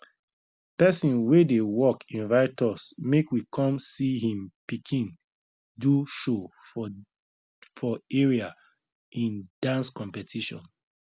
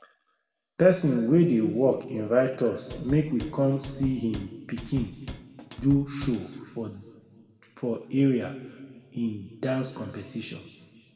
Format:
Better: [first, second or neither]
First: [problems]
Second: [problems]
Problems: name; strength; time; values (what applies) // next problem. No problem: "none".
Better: first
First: none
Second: background sound (Drum / Drum kit); 13 dB below the speech // room echo; dies away in 1.5 s